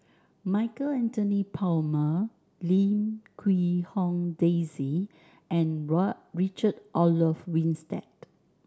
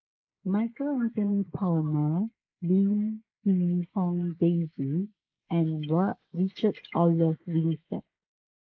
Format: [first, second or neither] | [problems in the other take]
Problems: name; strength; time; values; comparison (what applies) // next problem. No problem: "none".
first | noise reduction (neural mask model Resemble Enhance denoiser)